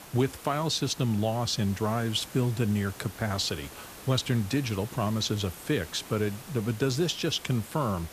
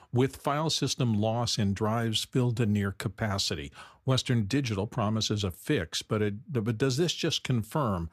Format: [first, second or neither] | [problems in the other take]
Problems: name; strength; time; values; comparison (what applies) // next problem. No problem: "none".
second | hiss; noticeable; throughout; 15 dB below the speech